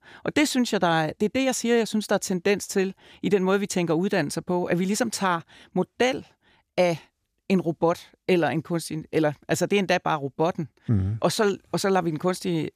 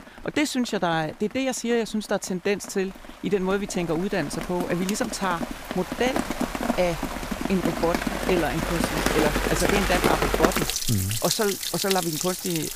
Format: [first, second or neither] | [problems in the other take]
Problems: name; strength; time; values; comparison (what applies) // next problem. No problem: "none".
first | rain or running water; very loud; throughout; as loud as the speech